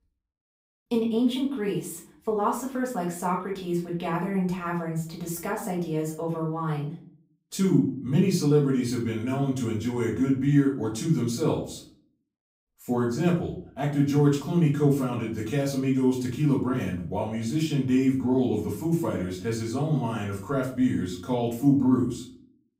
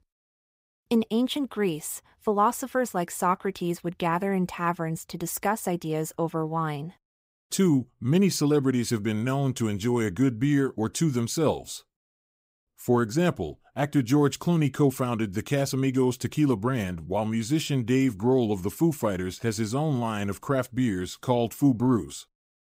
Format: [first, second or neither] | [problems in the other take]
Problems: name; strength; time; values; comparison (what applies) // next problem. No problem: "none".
second | room echo; slight; dies away in 0.4 s // off-mic speech; far